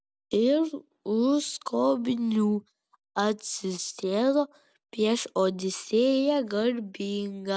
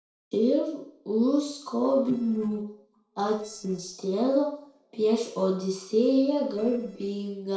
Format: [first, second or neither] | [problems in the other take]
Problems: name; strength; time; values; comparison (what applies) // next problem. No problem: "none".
first | noise reduction (neural separator model SepFormer DNS4)